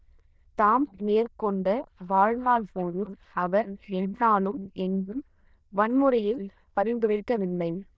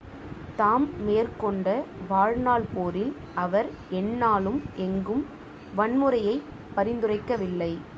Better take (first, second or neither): second